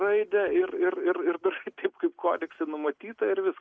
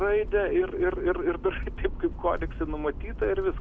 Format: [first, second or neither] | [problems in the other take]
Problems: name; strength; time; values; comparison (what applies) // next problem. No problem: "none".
first | background sound (Accelerating, revving, vroom); 7 dB below the speech